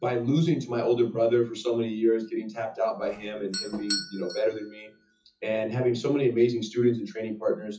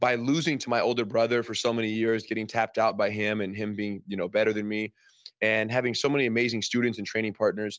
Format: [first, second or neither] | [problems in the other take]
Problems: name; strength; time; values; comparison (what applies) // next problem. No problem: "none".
second | noise reduction (classical method WPE with log-MMSE)